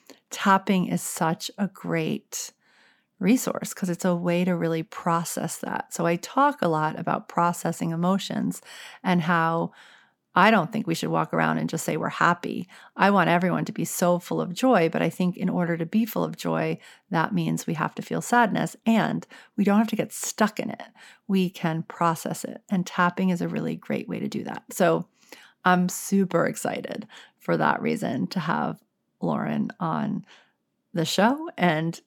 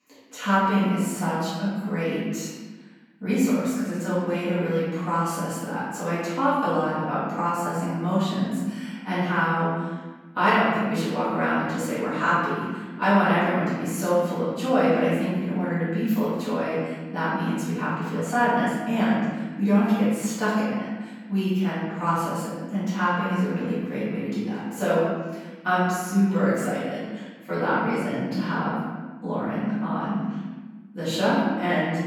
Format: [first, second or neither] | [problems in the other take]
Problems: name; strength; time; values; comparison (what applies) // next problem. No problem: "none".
first | room echo; strong; dies away in 1.3 s // off-mic speech; far